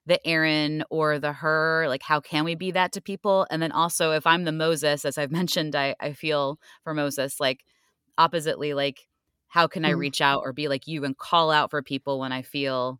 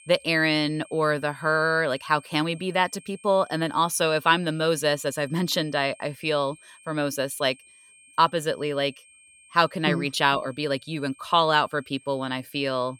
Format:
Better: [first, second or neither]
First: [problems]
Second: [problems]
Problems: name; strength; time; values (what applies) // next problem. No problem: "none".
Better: first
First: none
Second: high-pitched whine; faint; throughout; 8.5 kHz, 25 dB below the speech